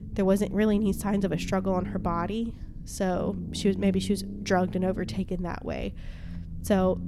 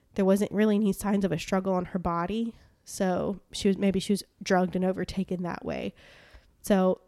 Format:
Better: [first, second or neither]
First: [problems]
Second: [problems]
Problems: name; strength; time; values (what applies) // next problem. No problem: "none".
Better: second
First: low rumble; noticeable; throughout; 15 dB below the speech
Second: none